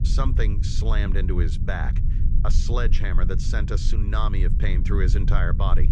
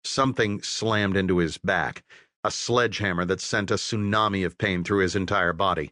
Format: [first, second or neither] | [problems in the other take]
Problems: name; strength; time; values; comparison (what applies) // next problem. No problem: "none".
second | low rumble; loud; throughout; 9 dB below the speech